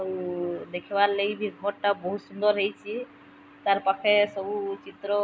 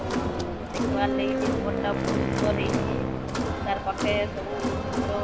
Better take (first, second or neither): first